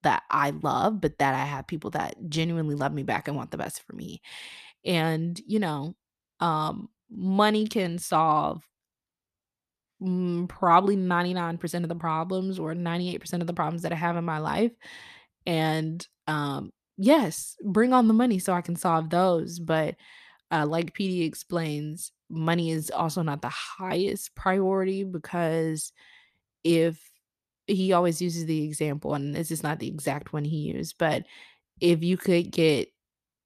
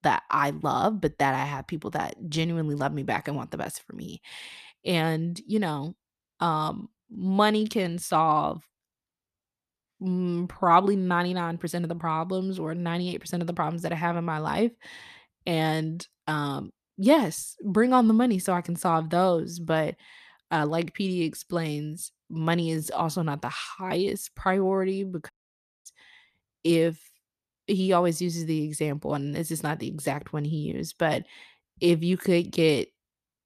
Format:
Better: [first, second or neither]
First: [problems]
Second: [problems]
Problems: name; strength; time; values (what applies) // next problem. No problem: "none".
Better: first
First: none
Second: audio cutting out; at 25 s for 0.5 s